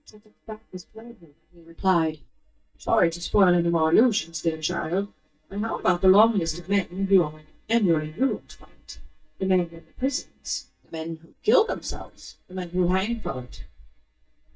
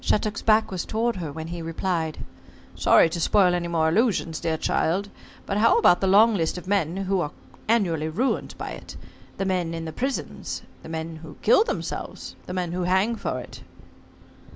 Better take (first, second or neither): second